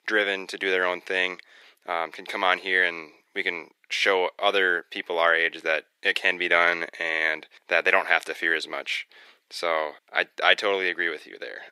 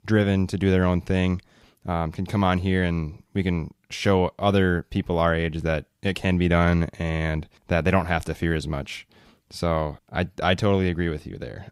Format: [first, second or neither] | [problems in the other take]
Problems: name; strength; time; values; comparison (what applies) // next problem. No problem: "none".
second | thin; very; fading below 400 Hz